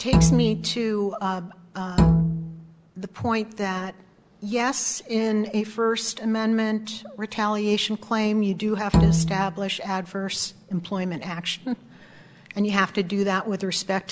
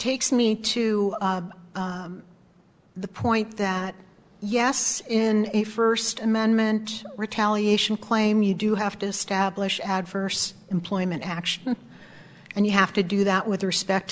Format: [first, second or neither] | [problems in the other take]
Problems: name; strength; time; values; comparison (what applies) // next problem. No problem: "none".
second | background sound (Bowed string instrument); 4 dB above the speech